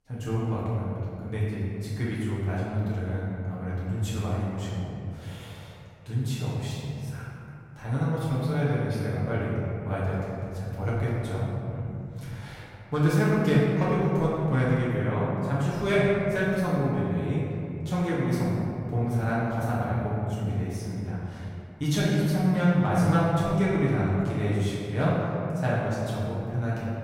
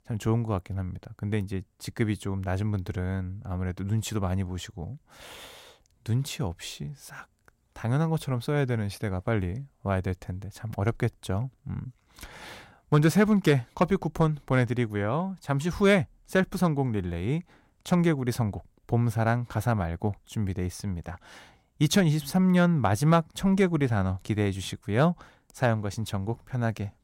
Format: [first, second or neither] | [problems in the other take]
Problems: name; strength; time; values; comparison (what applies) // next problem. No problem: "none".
second | off-mic speech; far // room echo; strong; dies away in 2.4 s